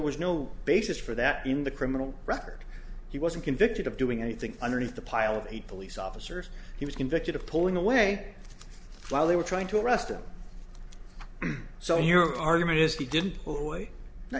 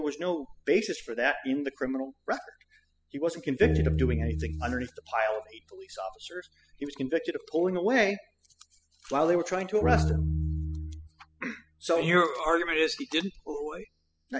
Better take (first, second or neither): first